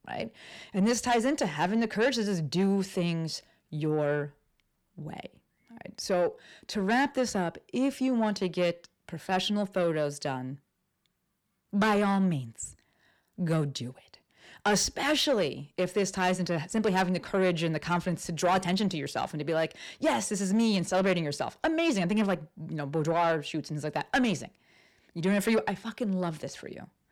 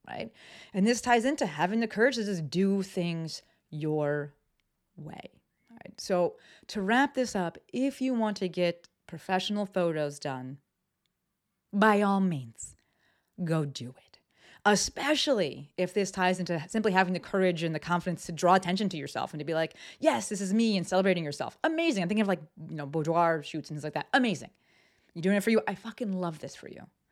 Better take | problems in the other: second | distortion; slight; 10 dB below the speech

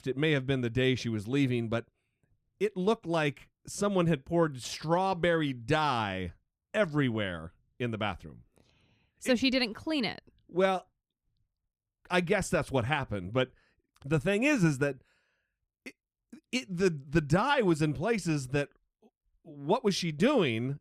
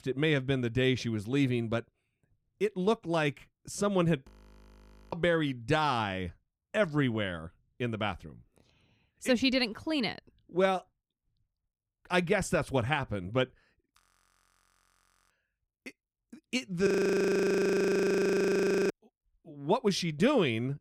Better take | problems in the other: first | audio freezing; at 4.5 s for 1 s, at 14 s for 1.5 s and at 17 s for 2 s

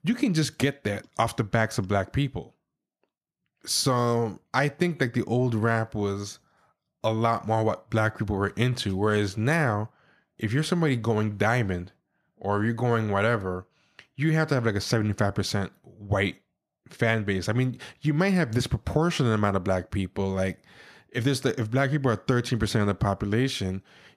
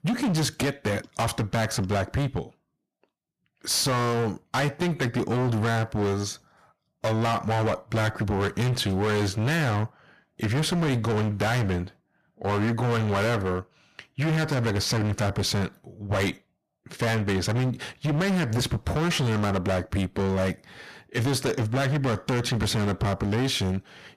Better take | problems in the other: first | distortion; heavy; 25% of the sound clipped

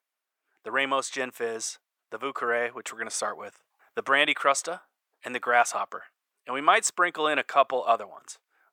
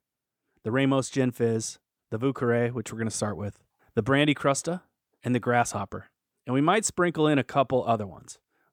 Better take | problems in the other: second | thin; very; fading below 600 Hz

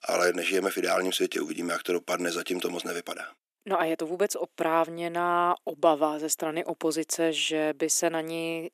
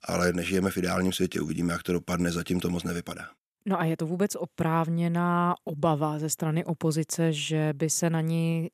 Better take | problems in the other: second | thin; very; fading below 300 Hz

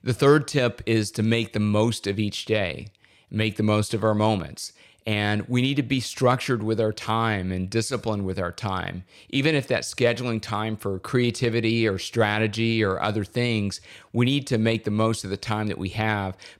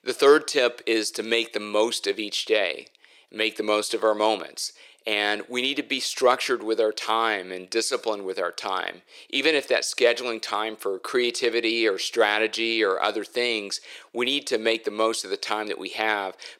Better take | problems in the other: first | thin; very; fading below 350 Hz

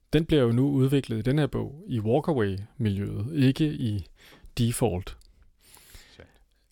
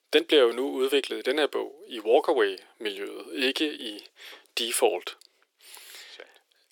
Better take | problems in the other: first | thin; very; fading below 350 Hz

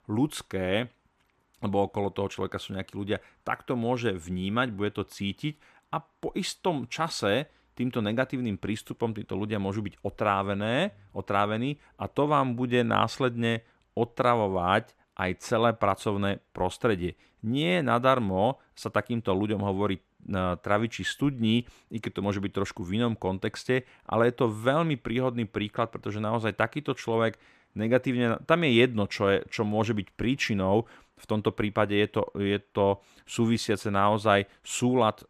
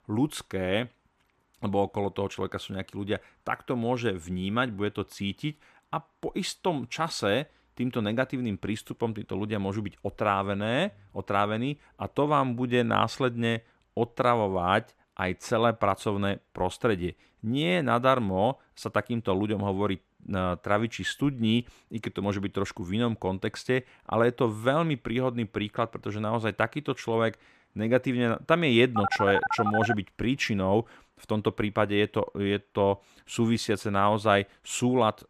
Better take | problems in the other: first | phone ringing; loud; at 29 s; peak level with the speech

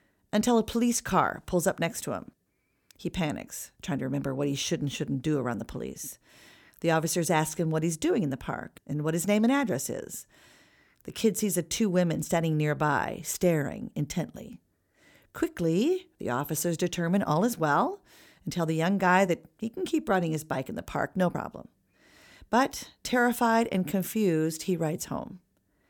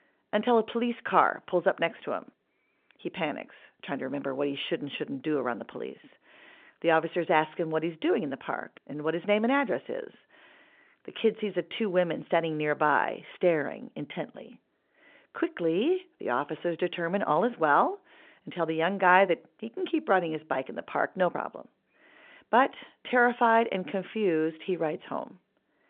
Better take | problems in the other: first | phone-call audio

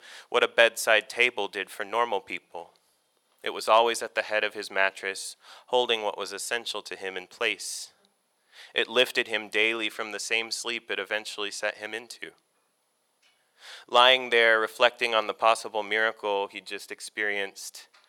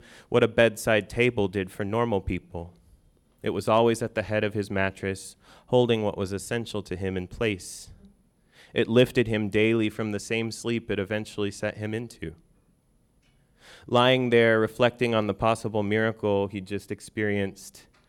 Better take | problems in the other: second | thin; very; fading below 800 Hz

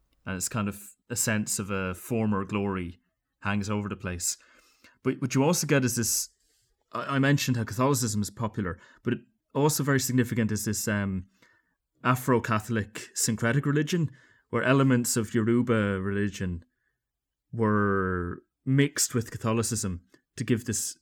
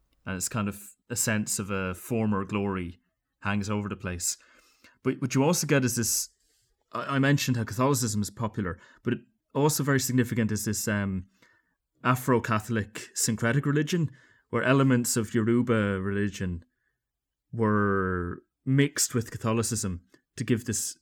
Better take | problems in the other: neither | none

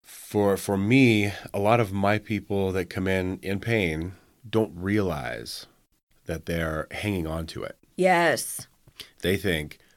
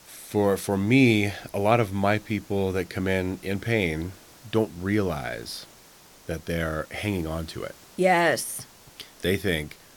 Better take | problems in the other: first | hiss; faint; throughout; 25 dB below the speech

